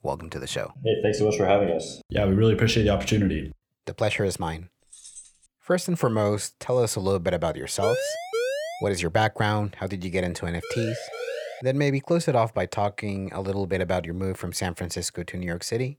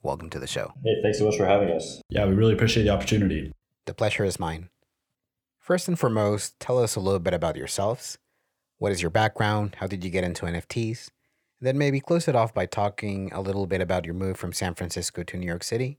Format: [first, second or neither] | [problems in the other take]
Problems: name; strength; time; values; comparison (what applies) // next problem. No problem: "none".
second | jangling keys; faint; at 5 s; peak 15 dB below the speech // siren; noticeable; from 8 to 9 s and from 11 to 12 s; peak 2 dB below the speech